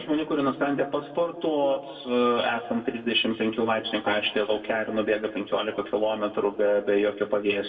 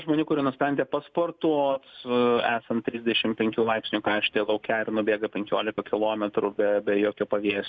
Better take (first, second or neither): second